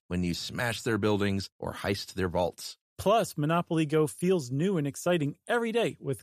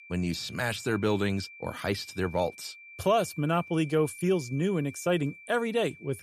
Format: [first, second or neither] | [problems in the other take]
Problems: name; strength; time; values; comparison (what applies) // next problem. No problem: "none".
first | high-pitched whine; noticeable; throughout; 2.5 kHz, 15 dB below the speech